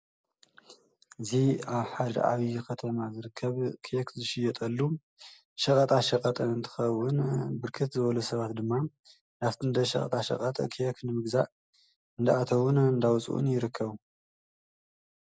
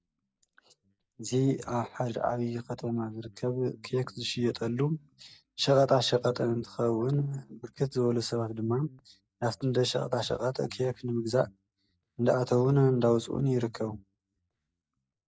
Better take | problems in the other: first | noise reduction (neural mask model DeepFilterNet 3)

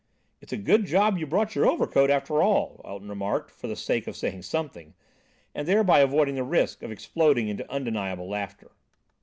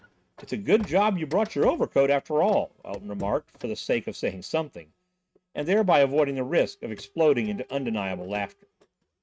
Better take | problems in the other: first | noise reduction (neural mask model RNNoise)

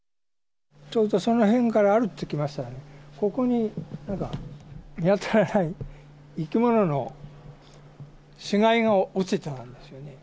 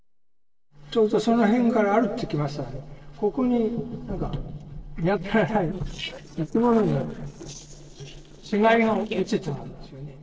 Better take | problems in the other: first | noise reduction (neural separator model SepFormer DNS4)

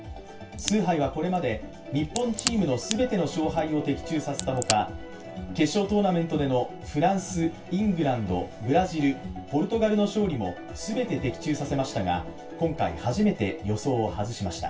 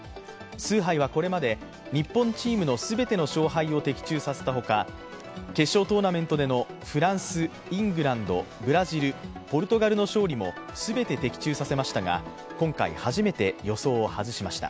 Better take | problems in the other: second | background sound (Crack); 10 dB below the speech // room echo; dies away in 0.2 s

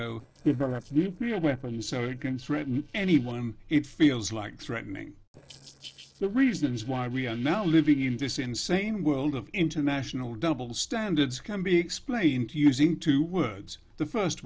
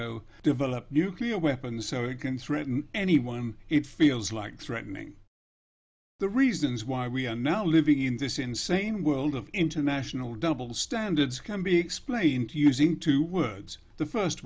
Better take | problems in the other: second | noise reduction (neural separator model SepFormer DNS4)

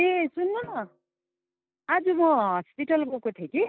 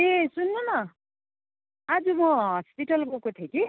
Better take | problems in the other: second | noise reduction (neural mask model DeepFilterNet 3)

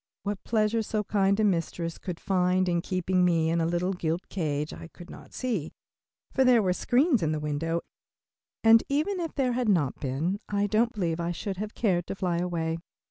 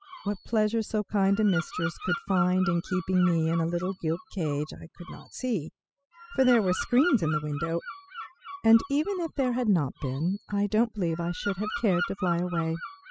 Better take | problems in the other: first | noise reduction (classical method spectral subtraction)

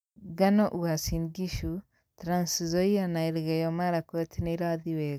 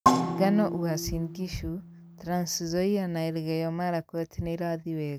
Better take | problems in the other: first | background sound (Percussion); 2 dB below the speech

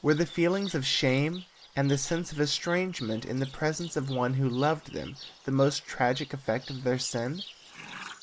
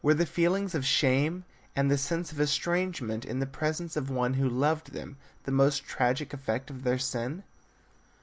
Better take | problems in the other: second | noise reduction (neural mask model Resemble Enhance denoiser)

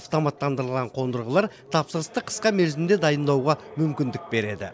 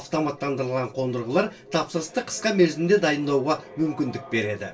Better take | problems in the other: first | room echo; dies away in 0.2 s

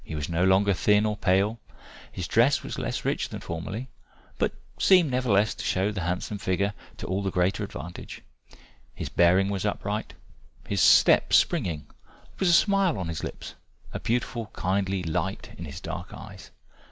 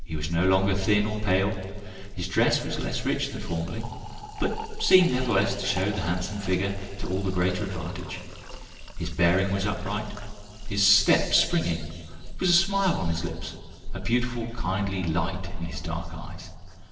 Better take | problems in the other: first | noise reduction (neural separator model SepFormer DNS4)

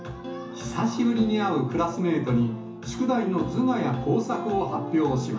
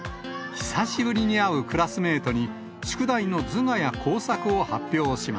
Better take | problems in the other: second | room echo; dies away in 0.7 s

